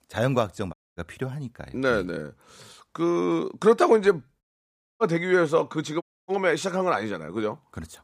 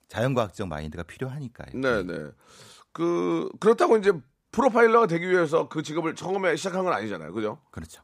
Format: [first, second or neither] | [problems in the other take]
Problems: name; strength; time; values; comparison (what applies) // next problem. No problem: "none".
second | audio cutting out; at 0.5 s, at 4.5 s for 0.5 s and at 6 s